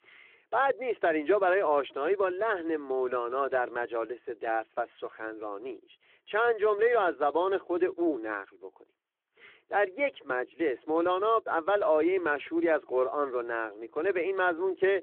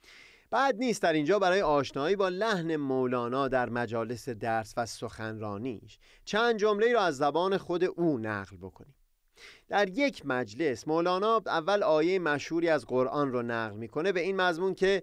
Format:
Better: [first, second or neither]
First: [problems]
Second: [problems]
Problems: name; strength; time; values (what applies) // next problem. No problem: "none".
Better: second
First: phone-call audio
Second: none